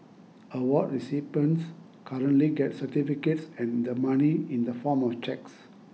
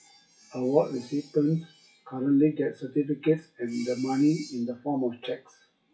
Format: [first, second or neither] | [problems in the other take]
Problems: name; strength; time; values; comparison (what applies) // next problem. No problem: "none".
first | noise reduction (classical method WPE with log-MMSE)